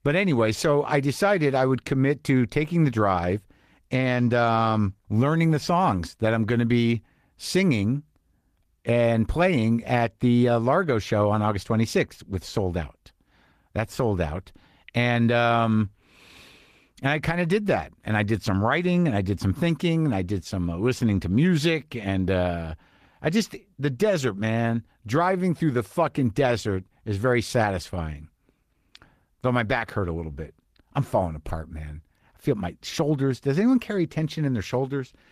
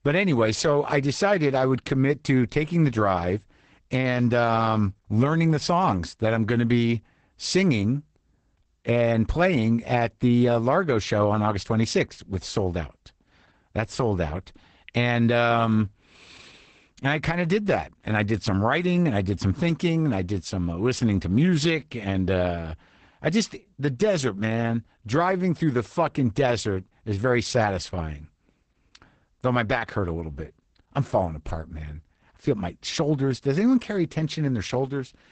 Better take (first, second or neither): first